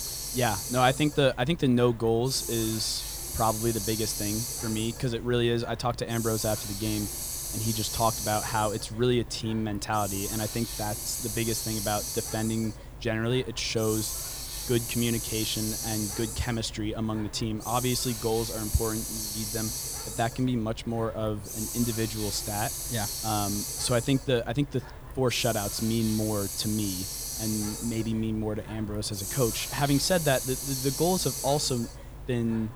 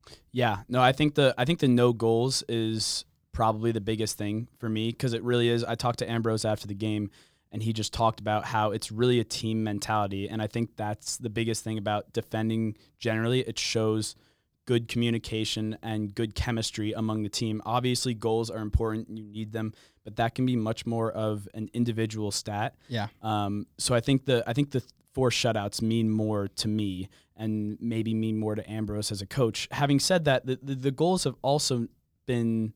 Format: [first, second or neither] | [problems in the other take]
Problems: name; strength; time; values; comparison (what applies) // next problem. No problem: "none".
second | hiss; loud; throughout; 4 dB below the speech